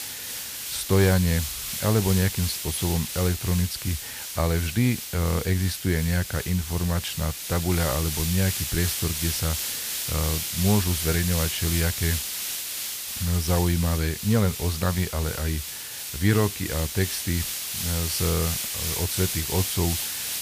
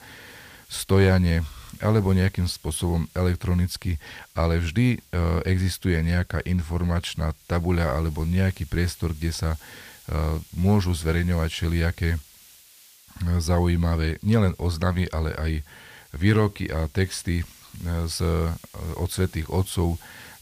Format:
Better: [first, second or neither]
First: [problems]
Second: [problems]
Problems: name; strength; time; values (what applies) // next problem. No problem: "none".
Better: second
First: hiss; loud; throughout; 3 dB below the speech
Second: hiss; faint; throughout; 25 dB below the speech